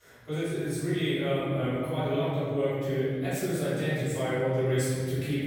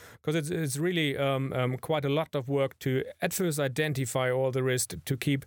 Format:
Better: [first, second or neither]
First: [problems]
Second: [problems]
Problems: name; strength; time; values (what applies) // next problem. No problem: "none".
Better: second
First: off-mic speech; far // room echo; strong; dies away in 2.6 s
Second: none